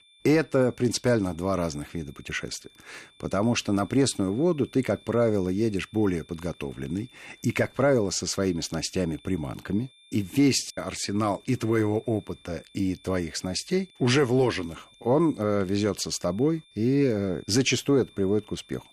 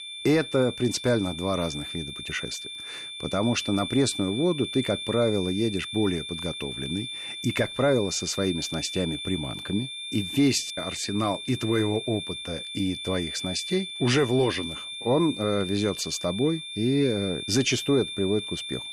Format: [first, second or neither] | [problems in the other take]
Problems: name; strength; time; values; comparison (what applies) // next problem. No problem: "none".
first | high-pitched whine; loud; throughout; 3.5 kHz, 7 dB below the speech; faint in the first